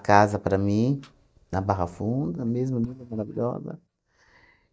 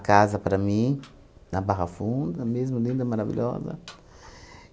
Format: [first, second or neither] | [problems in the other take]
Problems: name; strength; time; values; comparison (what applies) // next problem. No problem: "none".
second | noise reduction (neural mask model DeepFilterNet 3)